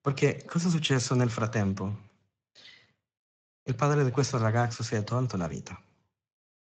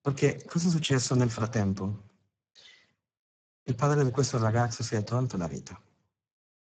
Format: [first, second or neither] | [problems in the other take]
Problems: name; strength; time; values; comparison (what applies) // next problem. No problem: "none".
first | garbled, watery; badly; nothing above 7.5 kHz; slightly in the first